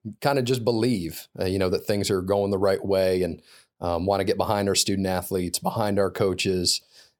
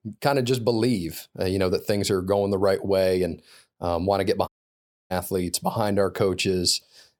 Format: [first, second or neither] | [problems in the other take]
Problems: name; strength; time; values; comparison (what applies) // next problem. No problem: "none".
first | audio cutting out; at 4.5 s for 0.5 s